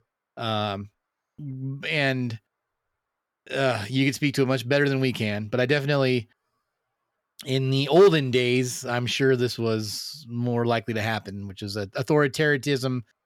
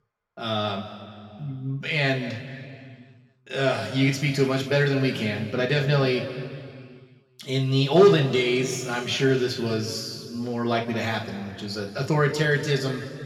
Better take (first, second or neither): first